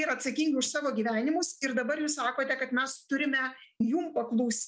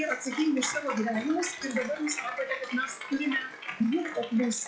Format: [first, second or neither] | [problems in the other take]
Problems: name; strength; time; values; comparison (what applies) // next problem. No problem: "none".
first | noise reduction (classical method log-MMSE)